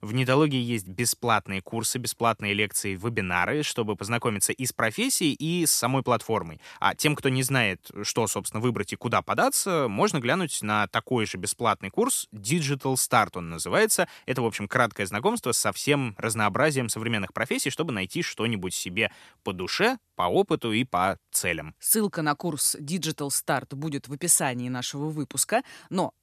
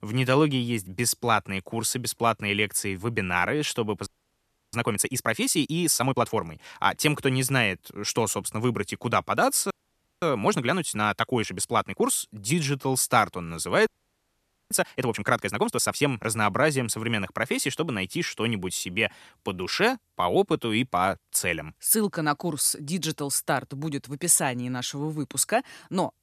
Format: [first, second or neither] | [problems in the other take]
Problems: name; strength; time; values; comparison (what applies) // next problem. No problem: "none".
first | audio freezing; at 4 s for 0.5 s, at 9.5 s for 0.5 s and at 14 s for 1 s